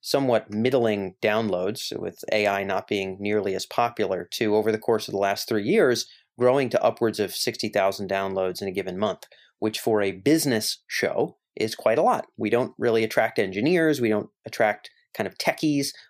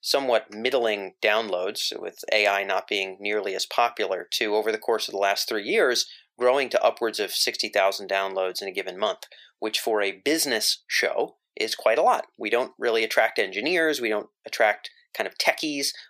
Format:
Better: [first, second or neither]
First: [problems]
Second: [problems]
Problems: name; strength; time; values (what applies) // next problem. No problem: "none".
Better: first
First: none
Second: thin; somewhat; fading below 450 Hz